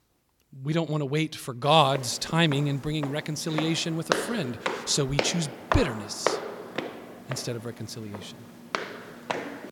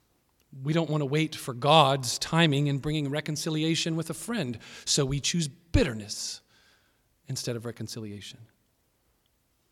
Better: second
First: footsteps; noticeable; from 2 s on; peak 1 dB below the speech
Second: none

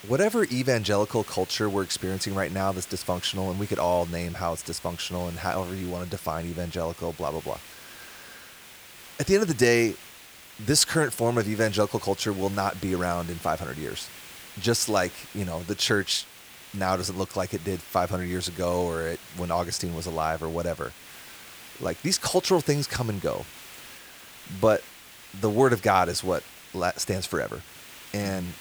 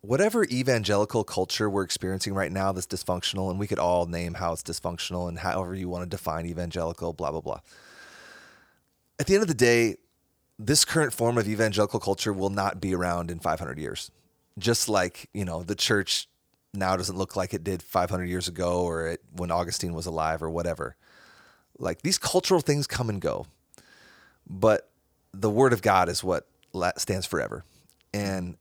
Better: second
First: hiss; noticeable; throughout; 15 dB below the speech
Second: none

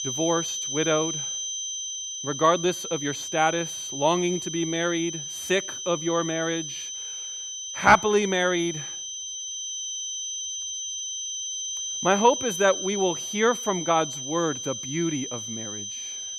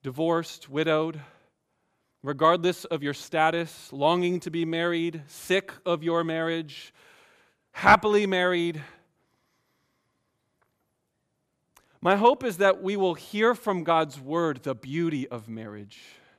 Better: second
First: high-pitched whine; loud; throughout; 6 kHz, 5 dB below the speech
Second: none

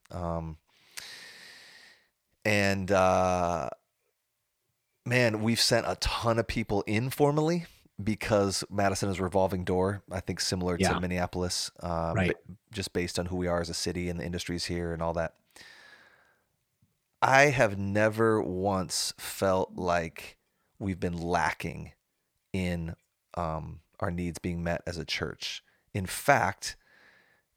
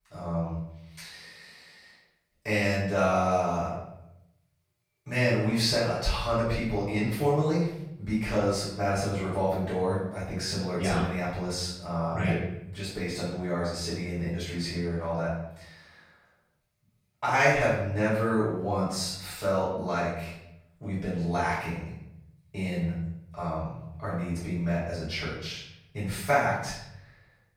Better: first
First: none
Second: room echo; noticeable; dies away in 0.8 s // off-mic speech; far

